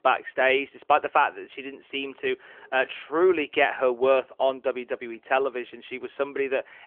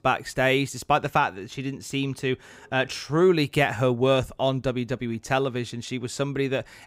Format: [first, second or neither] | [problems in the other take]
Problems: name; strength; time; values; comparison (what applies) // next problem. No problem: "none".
second | phone-call audio